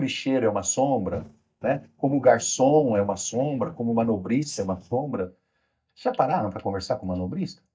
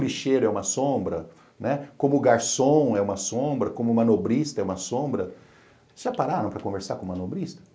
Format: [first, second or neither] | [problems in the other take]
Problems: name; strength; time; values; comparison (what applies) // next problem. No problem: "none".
second | noise reduction (neural mask model DeepFilterNet 3)